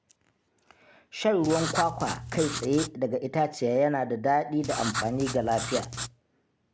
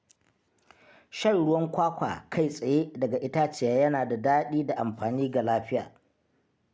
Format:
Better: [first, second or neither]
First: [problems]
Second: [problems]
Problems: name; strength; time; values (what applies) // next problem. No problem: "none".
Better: second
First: background sound (Writing); 7 dB below the speech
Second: none